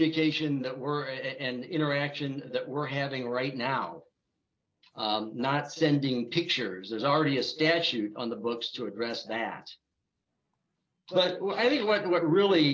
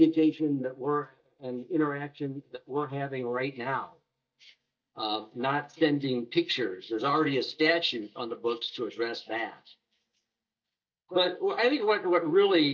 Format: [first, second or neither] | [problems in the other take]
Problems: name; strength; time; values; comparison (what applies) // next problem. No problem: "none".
first | noise reduction (neural mask model DeepFilterNet 3)